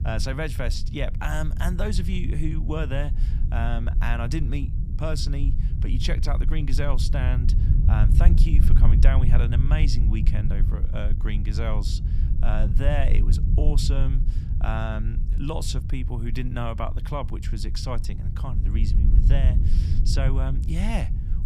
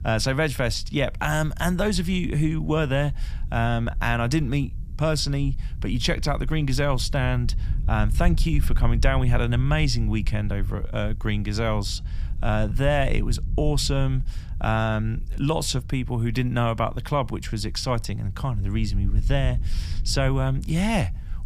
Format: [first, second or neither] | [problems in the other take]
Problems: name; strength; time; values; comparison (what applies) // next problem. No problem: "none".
second | low rumble; loud; throughout; 8 dB below the speech; faint in the second